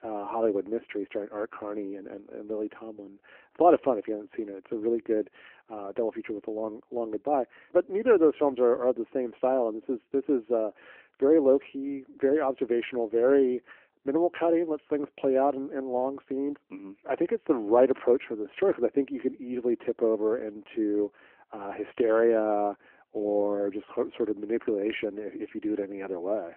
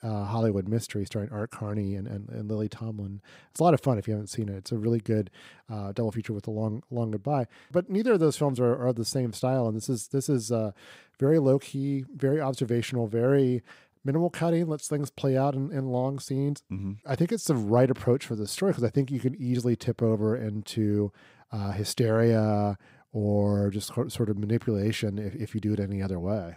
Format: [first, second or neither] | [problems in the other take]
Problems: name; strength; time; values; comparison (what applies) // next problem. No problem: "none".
second | phone-call audio